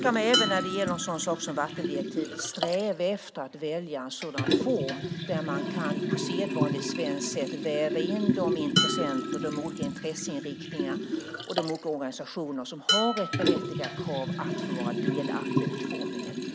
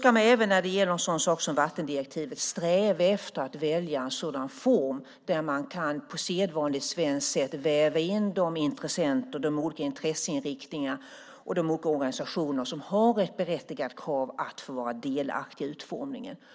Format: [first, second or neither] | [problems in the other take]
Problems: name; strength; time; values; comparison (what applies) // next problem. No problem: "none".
second | background sound (Dishes, pots, and pans + Liquid); 1 dB above the speech